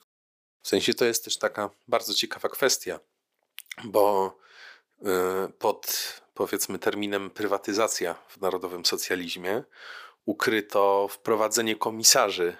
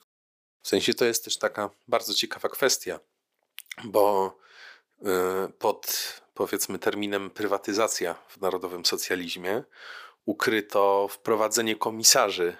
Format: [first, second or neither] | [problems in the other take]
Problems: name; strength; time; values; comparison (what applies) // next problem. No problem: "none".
neither | thin; somewhat; fading below 400 Hz; the same in both